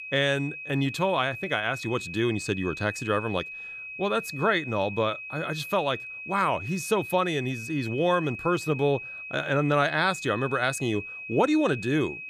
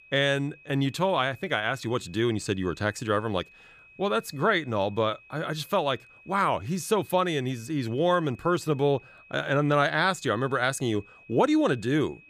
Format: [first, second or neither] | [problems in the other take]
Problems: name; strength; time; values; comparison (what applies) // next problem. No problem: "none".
second | high-pitched whine; loud; throughout; 2.5 kHz, 9 dB below the speech; faint in the second